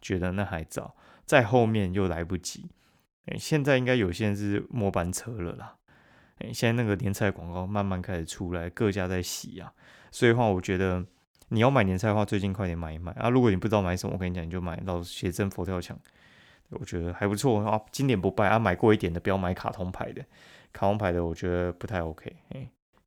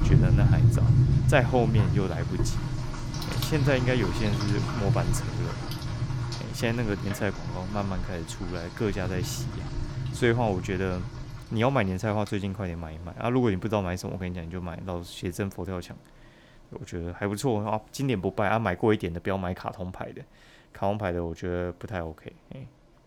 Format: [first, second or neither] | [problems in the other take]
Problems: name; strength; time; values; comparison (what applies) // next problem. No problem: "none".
first | rain or running water; very loud; throughout; 1 dB above the speech